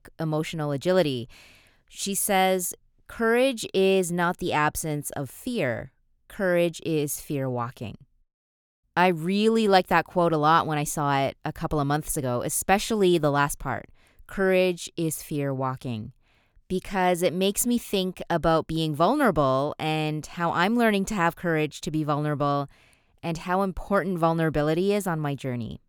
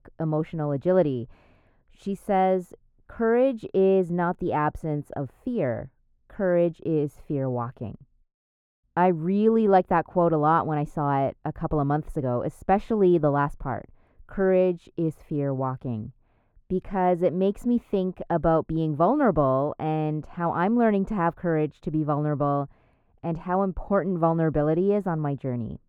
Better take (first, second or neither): first